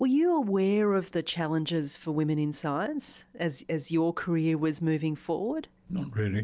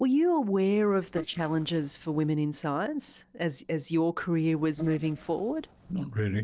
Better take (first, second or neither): first